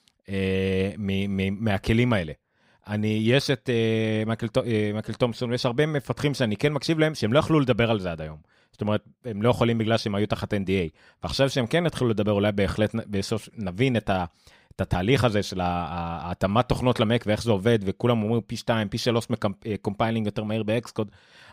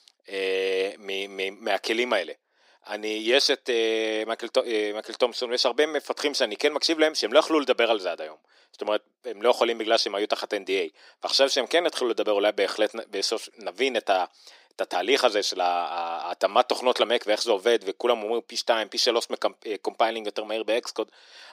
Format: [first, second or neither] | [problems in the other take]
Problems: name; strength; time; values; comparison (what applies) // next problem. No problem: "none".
first | thin; very; fading below 300 Hz